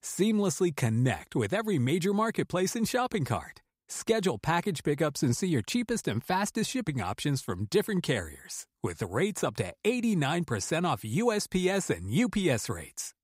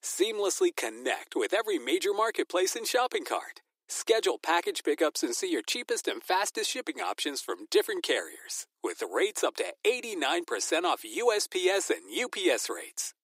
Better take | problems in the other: first | thin; very; fading below 300 Hz

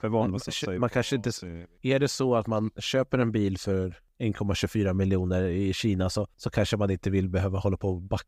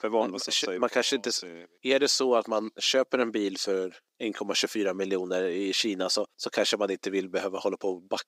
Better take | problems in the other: first | thin; somewhat; fading below 300 Hz

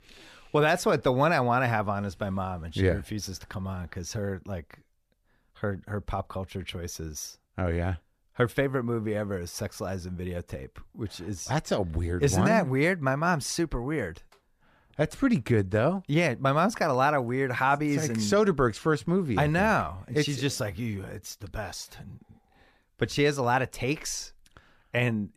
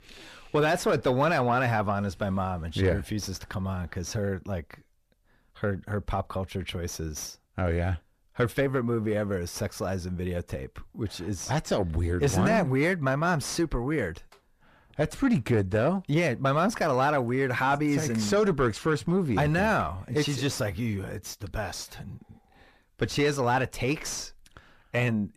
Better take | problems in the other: first | distortion; slight; 10 dB below the speech

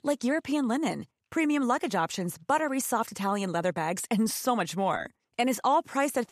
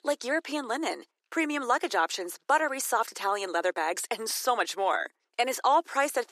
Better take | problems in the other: first | thin; somewhat; fading below 350 Hz

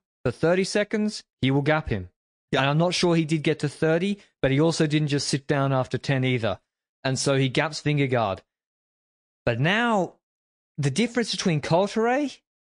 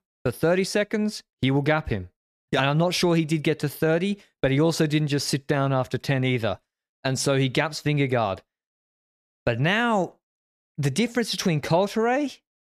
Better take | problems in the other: second | garbled, watery; slightly

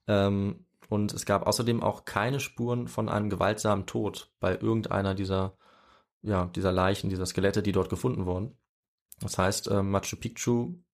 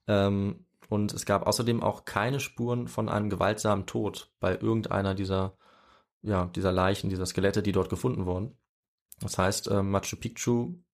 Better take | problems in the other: neither | none

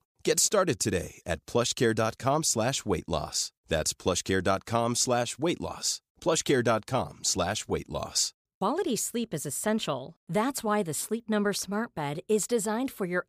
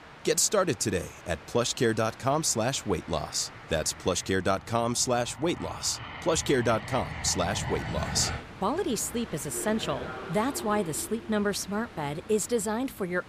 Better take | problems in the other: first | train or aircraft noise; noticeable; throughout; 10 dB below the speech

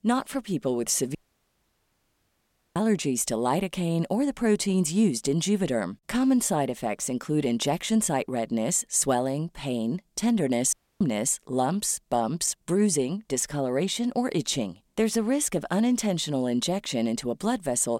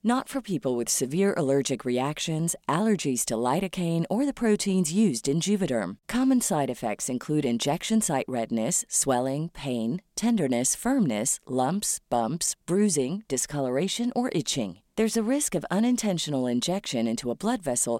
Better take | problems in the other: second | audio cutting out; at 1 s for 1.5 s and at 11 s

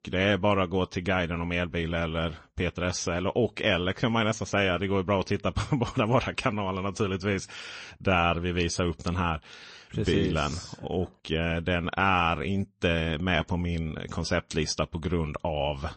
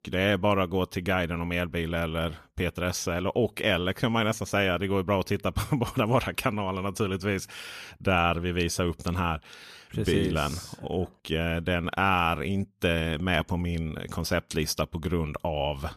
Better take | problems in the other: second | garbled, watery; slightly; nothing above 8 kHz

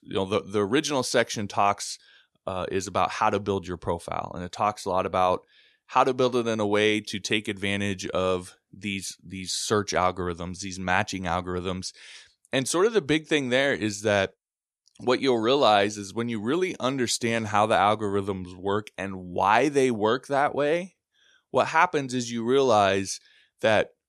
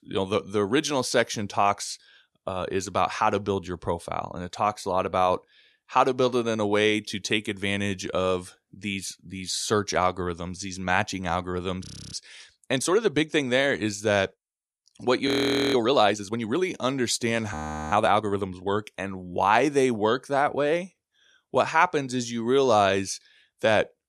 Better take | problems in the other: first | audio freezing; at 12 s, at 15 s and at 18 s

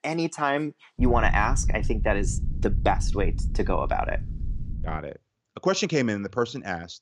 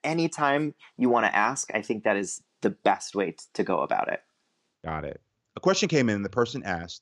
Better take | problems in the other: second | low rumble; noticeable; from 1 to 5 s; 20 dB below the speech

